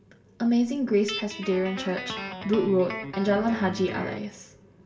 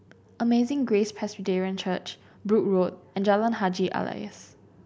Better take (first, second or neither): second